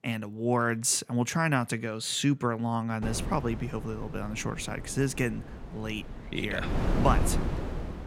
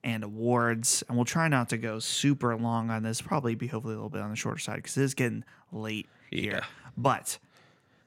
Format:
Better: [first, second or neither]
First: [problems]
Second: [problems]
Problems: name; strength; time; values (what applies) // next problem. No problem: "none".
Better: second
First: wind noise on the microphone; heavy; from 3 s on; 9 dB below the speech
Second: none